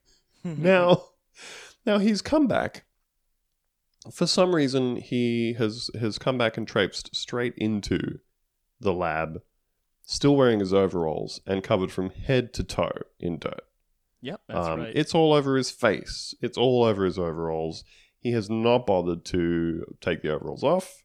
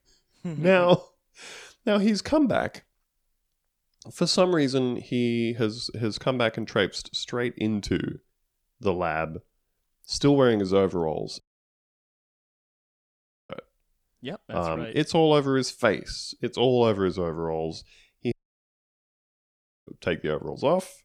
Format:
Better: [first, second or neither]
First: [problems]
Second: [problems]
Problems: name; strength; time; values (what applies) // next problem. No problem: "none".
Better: first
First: none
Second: audio cutting out; at 11 s for 2 s and at 18 s for 1.5 s